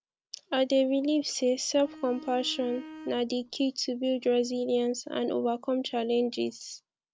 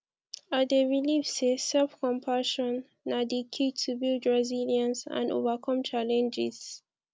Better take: second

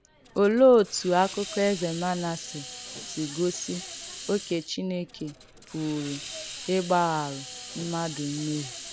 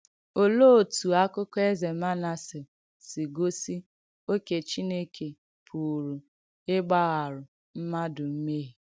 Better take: second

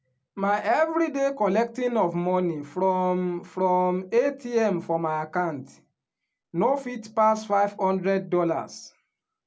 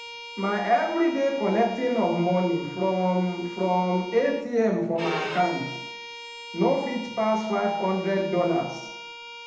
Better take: first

